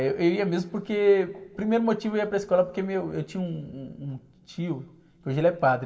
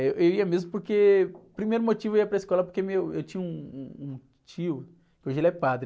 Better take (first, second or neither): second